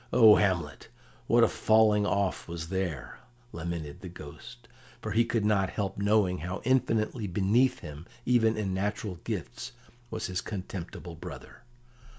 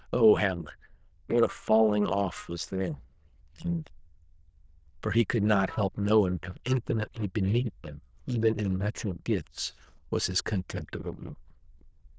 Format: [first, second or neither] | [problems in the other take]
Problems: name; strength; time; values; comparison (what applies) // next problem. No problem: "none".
first | noise reduction (neural diffusion model UNIVERSE++)